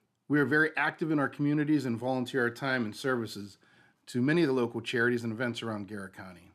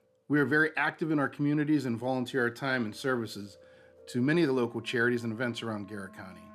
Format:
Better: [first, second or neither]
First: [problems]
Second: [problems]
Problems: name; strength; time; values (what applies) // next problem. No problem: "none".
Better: first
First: none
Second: background music; faint; throughout; 25 dB below the speech